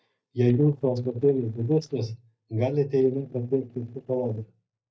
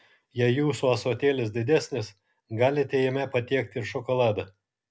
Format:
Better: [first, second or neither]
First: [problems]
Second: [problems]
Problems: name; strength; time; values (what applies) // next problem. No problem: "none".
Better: second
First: noise reduction (neural mask model DeepFilterNet 3)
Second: none